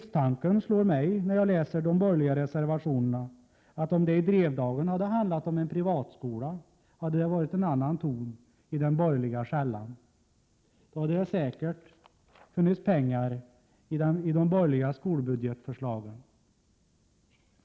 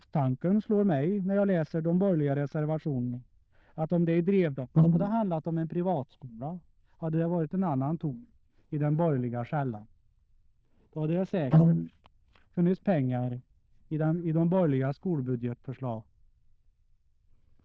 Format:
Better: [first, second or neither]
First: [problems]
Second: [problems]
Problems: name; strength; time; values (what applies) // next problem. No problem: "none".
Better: first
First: none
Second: noise reduction (neural diffusion model UNIVERSE++)